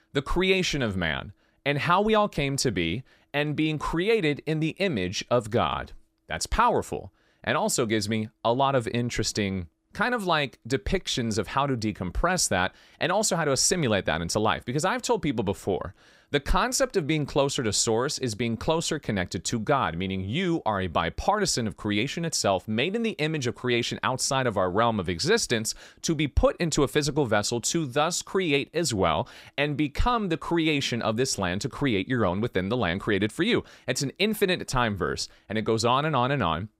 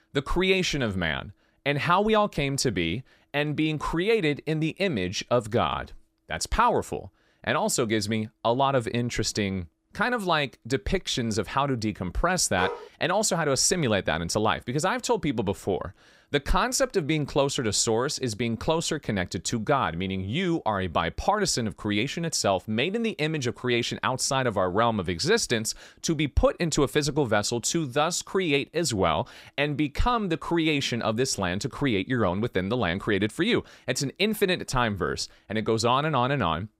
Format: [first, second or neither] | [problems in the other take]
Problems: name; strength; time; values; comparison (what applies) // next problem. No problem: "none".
first | dog barking; noticeable; at 13 s; peak 7 dB below the speech